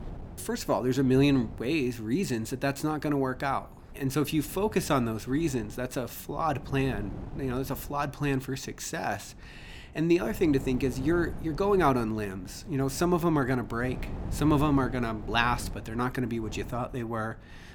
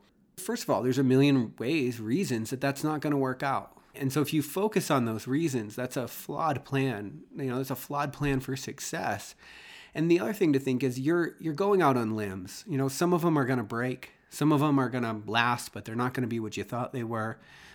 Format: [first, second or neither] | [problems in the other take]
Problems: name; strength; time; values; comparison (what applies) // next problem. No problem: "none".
second | wind noise on the microphone; occasional gusts; 20 dB below the speech